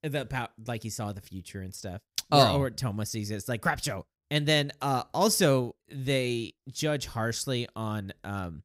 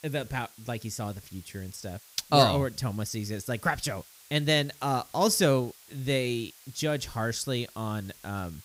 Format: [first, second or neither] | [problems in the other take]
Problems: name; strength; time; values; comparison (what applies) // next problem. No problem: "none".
first | hiss; faint; throughout; 20 dB below the speech